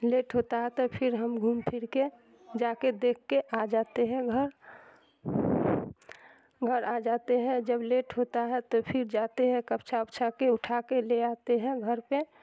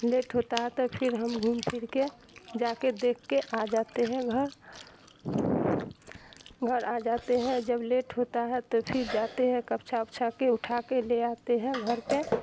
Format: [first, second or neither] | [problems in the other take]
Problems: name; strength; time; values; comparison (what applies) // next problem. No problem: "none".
first | background sound (Chewing, mastication); 14 dB below the speech